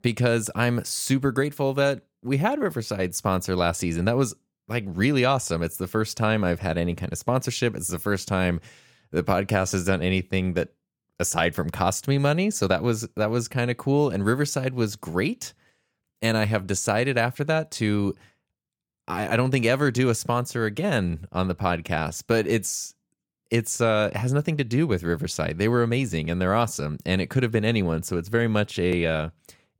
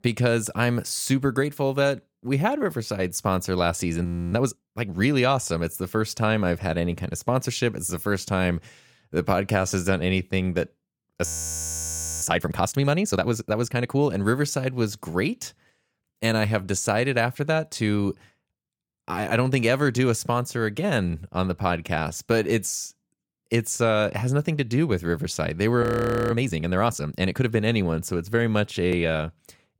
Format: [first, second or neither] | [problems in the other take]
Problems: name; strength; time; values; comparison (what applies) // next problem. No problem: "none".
first | audio freezing; at 4 s, at 11 s for 1 s and at 26 s